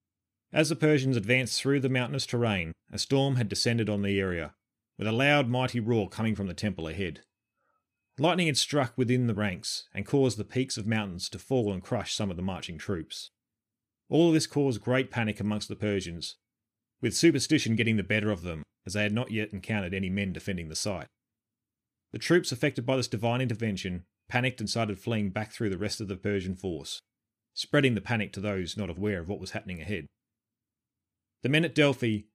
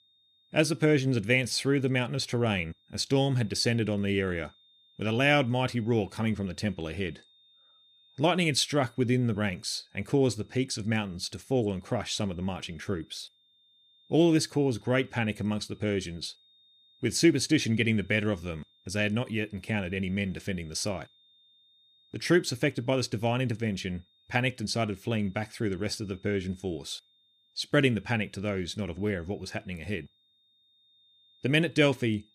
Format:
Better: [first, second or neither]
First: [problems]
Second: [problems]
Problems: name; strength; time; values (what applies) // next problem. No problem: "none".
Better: first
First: none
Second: high-pitched whine; faint; throughout; 3.5 kHz, 35 dB below the speech